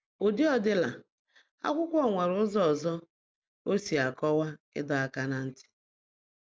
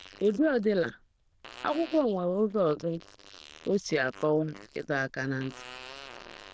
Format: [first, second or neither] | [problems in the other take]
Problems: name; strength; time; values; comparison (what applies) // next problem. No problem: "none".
first | noise reduction (neural diffusion model UNIVERSE++)